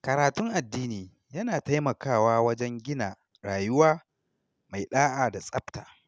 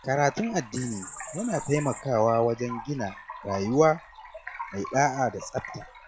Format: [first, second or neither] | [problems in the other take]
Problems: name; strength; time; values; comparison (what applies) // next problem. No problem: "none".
first | noise reduction (classical method log-MMSE)